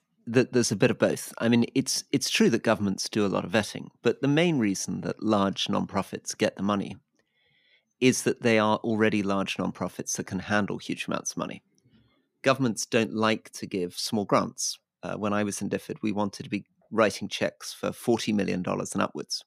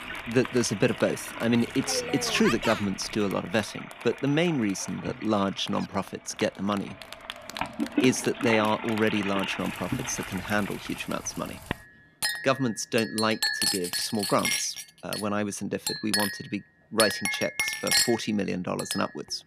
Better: first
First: none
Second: household noises; loud; throughout; 3 dB below the speech

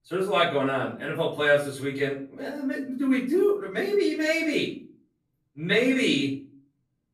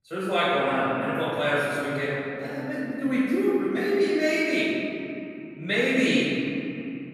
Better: first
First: room echo; slight; dies away in 0.4 s // off-mic speech; far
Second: room echo; strong; dies away in 3 s // off-mic speech; far

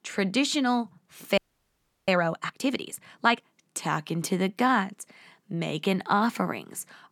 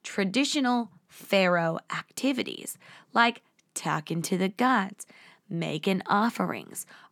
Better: second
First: audio freezing; at 1.5 s for 0.5 s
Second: none

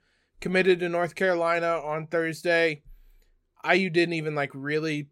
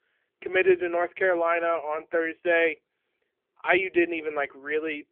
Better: first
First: none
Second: phone-call audio

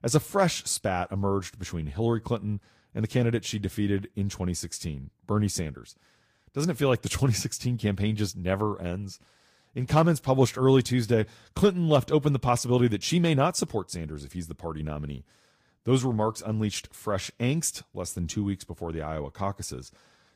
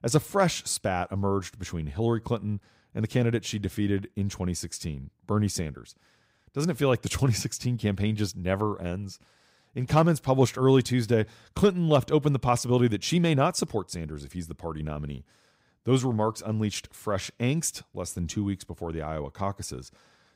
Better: second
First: garbled, watery; slightly; nothing above 15.5 kHz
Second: none

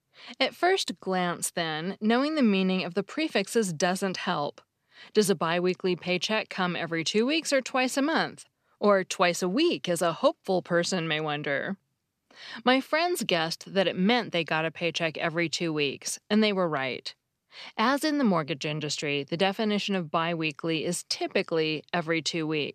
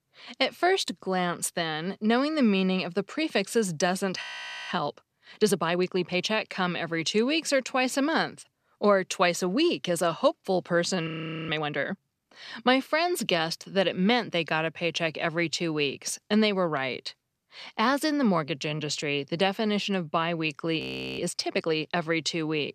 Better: first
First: none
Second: audio freezing; at 4 s, at 11 s and at 21 s

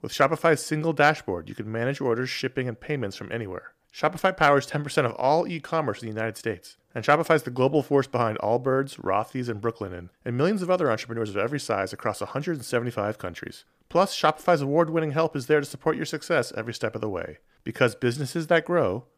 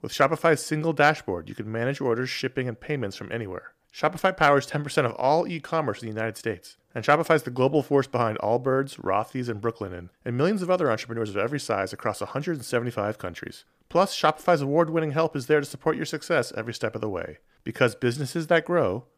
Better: neither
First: none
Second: none

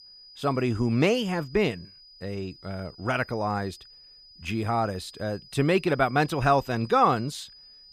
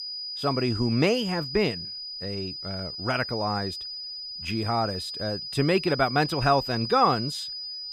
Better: first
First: high-pitched whine; faint; throughout; 5 kHz, 20 dB below the speech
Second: high-pitched whine; loud; throughout; 5 kHz, 6 dB below the speech

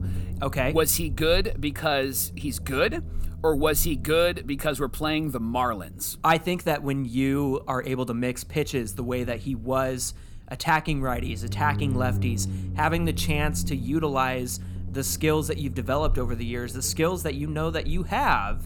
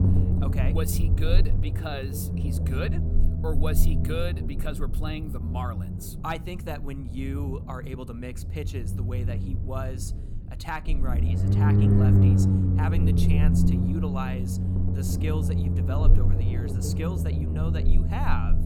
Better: first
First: low rumble; faint; throughout; 20 dB below the speech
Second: low rumble; loud; throughout; as loud as the speech

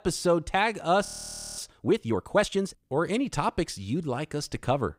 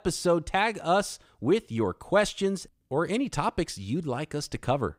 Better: second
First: audio freezing; at 1 s for 0.5 s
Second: none

